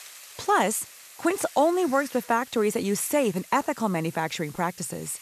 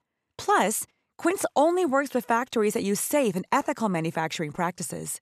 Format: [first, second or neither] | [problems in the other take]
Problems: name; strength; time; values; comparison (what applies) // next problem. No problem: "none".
second | hiss; noticeable; throughout; 20 dB below the speech